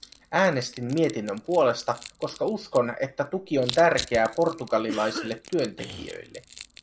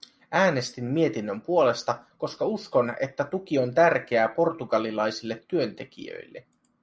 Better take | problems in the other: second | background sound (Crushing + Cough); 14 dB below the speech

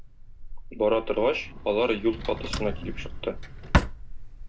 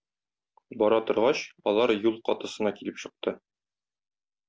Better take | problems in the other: second | background sound (Drawer open or close); 3 dB below the speech // room echo; dies away in 0.2 s

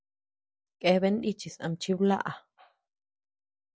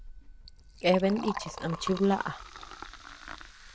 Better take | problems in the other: first | background sound (Liquid); 11 dB below the speech

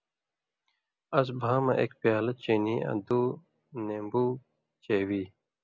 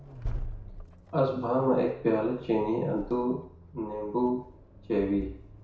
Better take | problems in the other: first | background sound (Accelerating, revving, vroom); 12 dB below the speech // room echo; dies away in 0.6 s

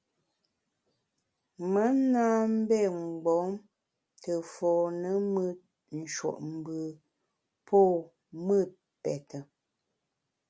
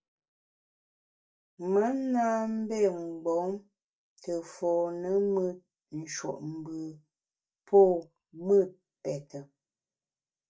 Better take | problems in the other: first | noise reduction (neural mask model DeepFilterNet 3)

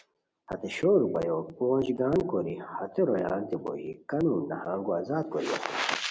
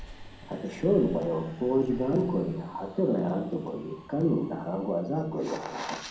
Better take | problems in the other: first | background sound (Subway, metro, underground); 19 dB below the speech // room echo; dies away in 0.6 s

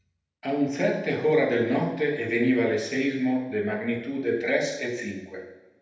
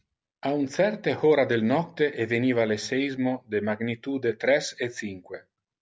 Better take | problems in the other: second | room echo; dies away in 0.9 s

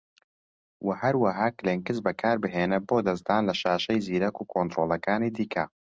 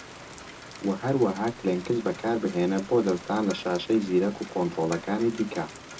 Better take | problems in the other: first | background sound (Rain); 16 dB below the speech // room echo; dies away in 0.2 s

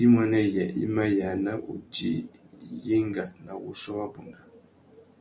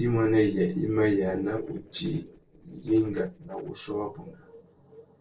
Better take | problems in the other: first | noise reduction (neural separator model SepFormer DNS4)

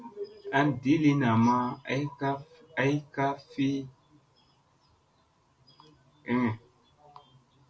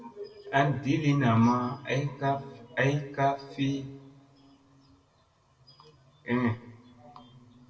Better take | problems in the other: first | room echo; dies away in 1.5 s

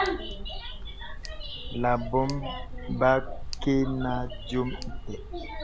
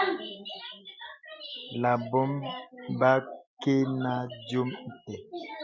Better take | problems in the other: second | background sound (Tick); 5 dB below the speech

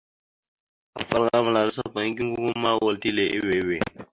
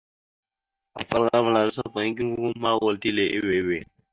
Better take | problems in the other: first | noise reduction (neural mask model DeepFilterNet 3)

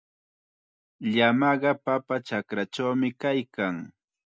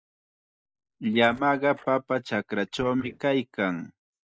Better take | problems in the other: first | noise reduction (neural mask model DeepFilterNet 3)

